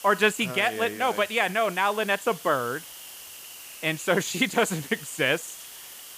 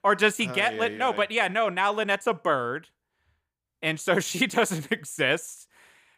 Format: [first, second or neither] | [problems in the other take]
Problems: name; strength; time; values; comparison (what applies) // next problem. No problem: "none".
second | hiss; noticeable; throughout; 15 dB below the speech